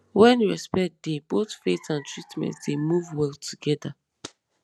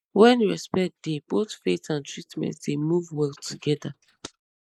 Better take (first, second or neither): first